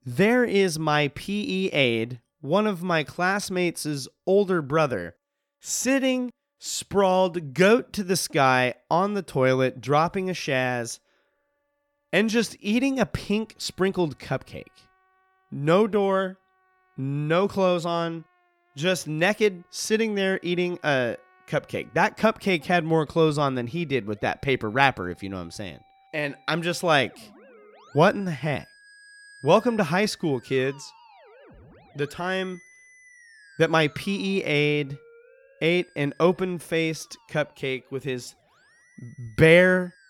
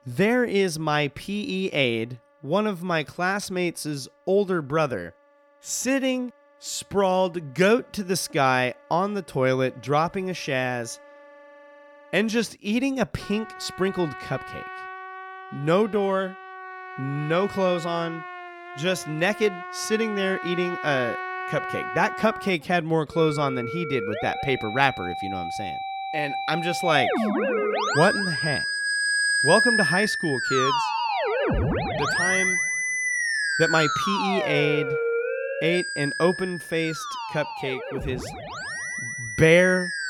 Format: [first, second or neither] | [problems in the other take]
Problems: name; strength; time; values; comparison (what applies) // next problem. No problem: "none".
first | background music; loud; throughout; 2 dB below the speech; faint in the first